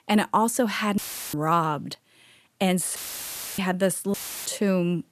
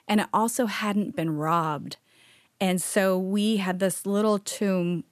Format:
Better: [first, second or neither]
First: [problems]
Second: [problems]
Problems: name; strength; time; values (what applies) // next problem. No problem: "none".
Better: second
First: audio cutting out; filled with static; at 1 s, at 3 s for 0.5 s and at 4 s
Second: none